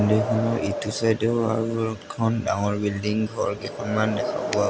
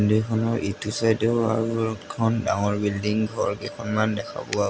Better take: second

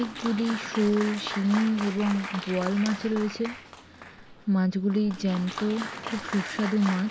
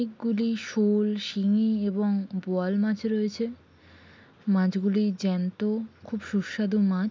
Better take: second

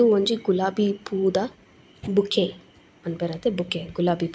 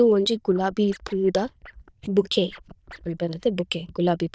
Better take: first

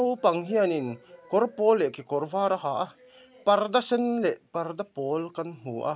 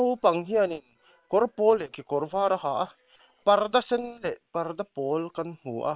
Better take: first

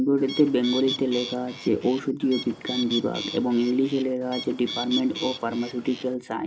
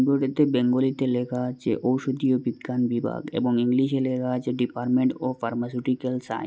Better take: second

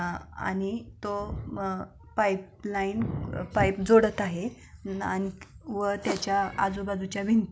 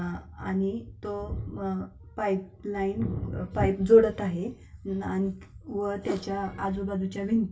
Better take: first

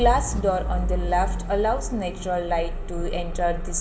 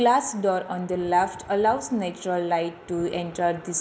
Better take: second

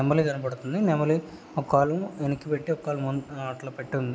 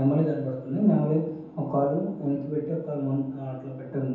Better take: first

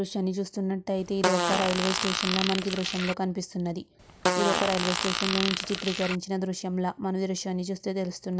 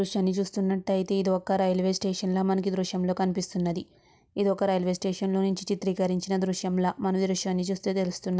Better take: second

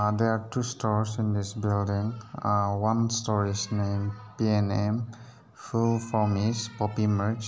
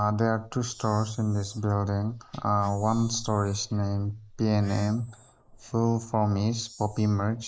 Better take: first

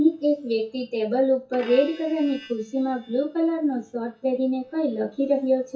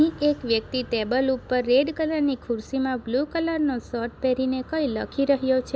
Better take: second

